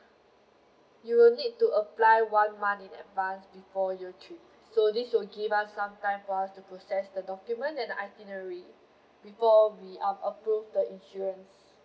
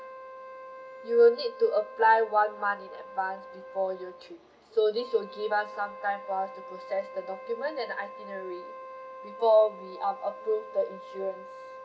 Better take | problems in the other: first | background sound (Wind instrument, woodwind instrument); 15 dB below the speech

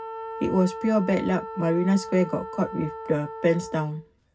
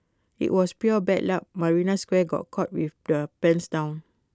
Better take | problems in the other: second | background sound (Wind instrument, woodwind instrument); 11 dB below the speech // room echo; dies away in 0.4 s

